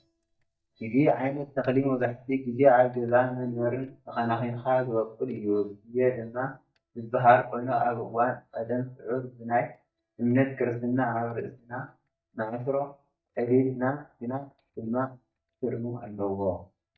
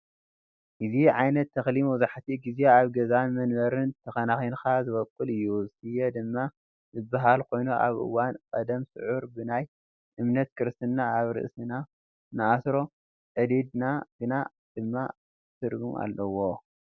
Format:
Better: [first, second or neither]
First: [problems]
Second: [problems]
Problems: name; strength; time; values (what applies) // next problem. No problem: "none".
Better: second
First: noise reduction (neural mask model DeepFilterNet 3)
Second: none